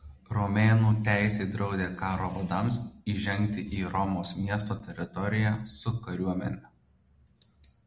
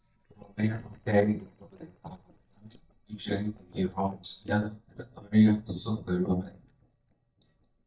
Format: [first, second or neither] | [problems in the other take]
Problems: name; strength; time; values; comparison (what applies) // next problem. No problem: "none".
first | noise reduction (neural mask model DeepFilterNet 3)